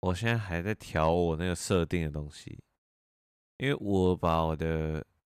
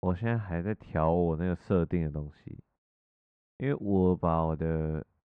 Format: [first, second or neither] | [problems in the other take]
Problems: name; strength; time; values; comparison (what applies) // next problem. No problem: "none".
first | muffled; very; fading above 1.5 kHz